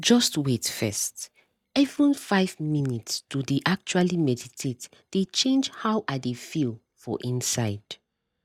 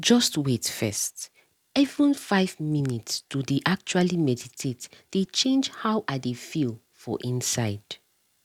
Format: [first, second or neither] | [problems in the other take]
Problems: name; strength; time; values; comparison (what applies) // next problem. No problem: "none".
second | noise reduction (neural mask model DeepFilterNet 3)